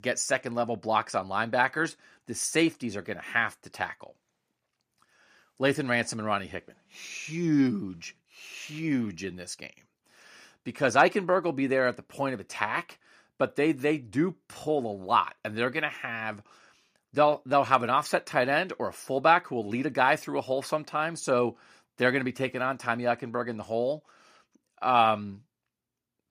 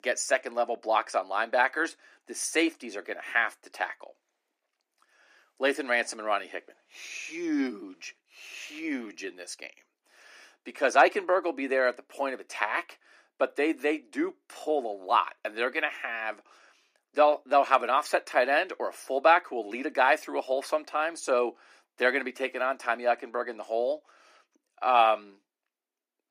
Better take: first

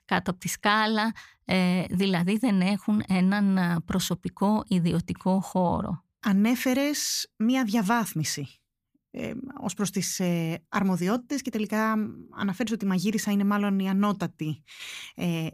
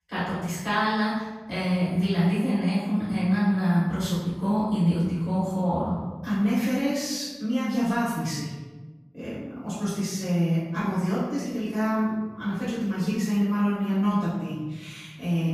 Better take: first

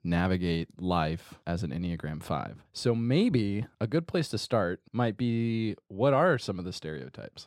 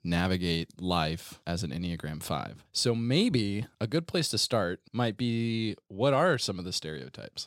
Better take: second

